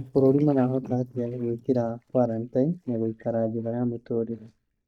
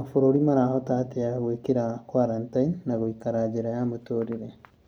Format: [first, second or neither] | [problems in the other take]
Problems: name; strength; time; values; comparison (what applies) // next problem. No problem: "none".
second | noise reduction (neural mask model DeepFilterNet 3)